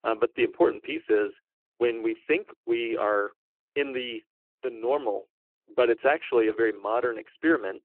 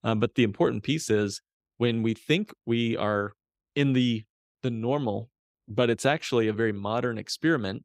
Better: second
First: phone-call audio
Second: none

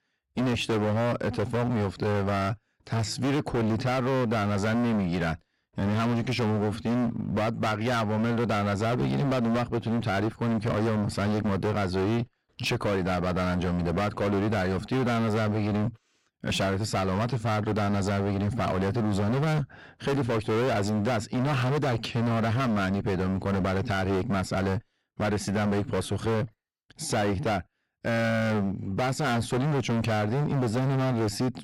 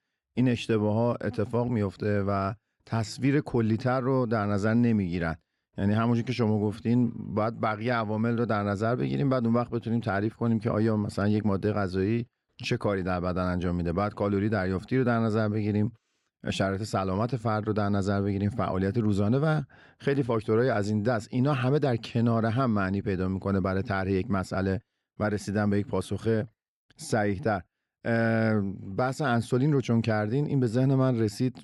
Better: second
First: distortion; heavy; 33% of the sound clipped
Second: none

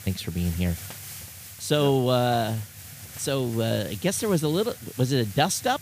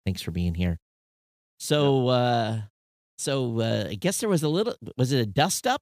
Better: second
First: hiss; noticeable; throughout; 15 dB below the speech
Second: none

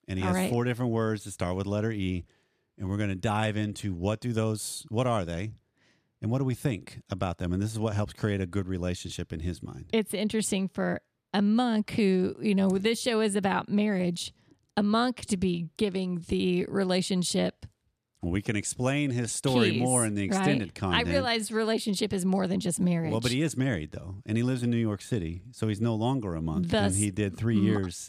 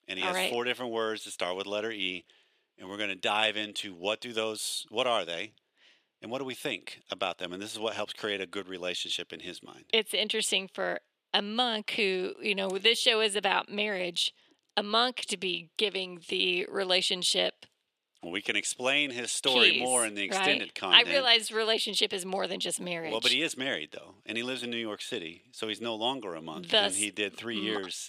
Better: first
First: none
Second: thin; somewhat; fading below 500 Hz

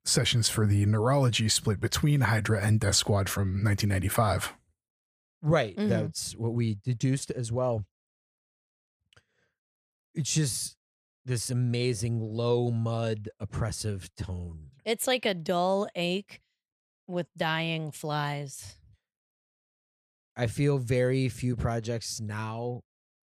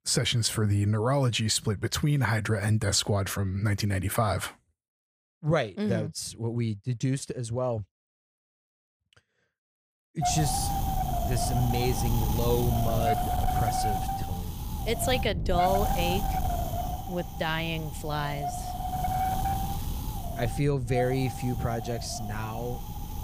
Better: first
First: none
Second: wind noise on the microphone; heavy; from 10 s on; 1 dB below the speech

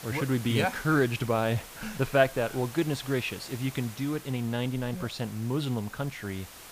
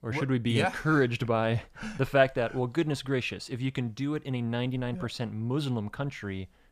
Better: second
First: hiss; noticeable; throughout; 15 dB below the speech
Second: none

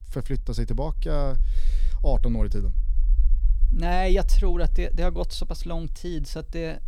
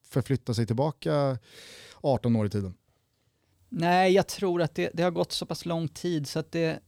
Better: second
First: low rumble; faint; throughout; 25 dB below the speech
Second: none

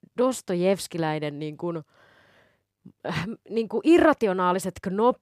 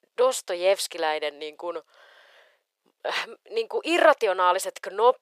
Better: first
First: none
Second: thin; very; fading below 500 Hz

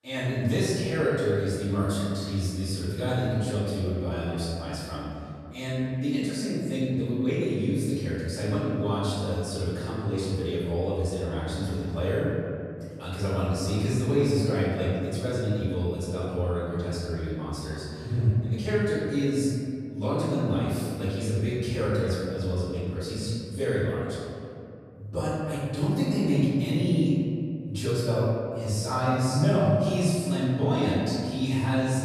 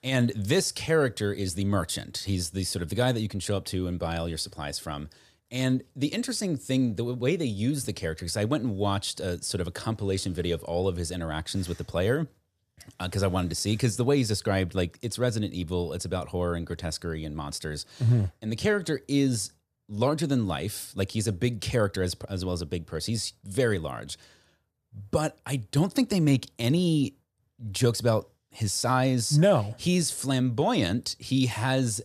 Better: second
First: off-mic speech; far // room echo; strong; dies away in 2.5 s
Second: none

